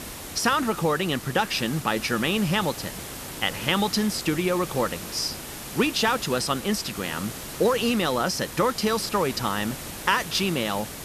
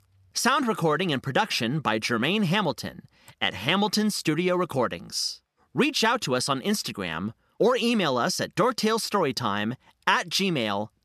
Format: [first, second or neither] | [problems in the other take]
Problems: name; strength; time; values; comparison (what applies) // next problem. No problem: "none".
second | hiss; noticeable; throughout; 10 dB below the speech